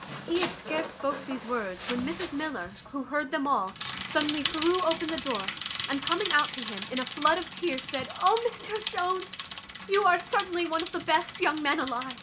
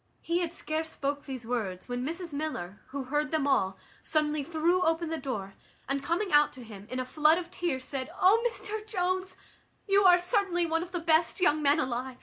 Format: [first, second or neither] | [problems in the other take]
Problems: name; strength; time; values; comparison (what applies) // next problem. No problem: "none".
second | background sound (Bicycle); 8 dB below the speech